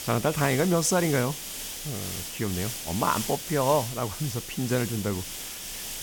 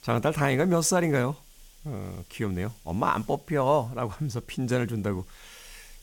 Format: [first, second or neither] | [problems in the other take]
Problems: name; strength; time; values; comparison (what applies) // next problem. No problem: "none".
second | hiss; loud; throughout; 6 dB below the speech; faint in the second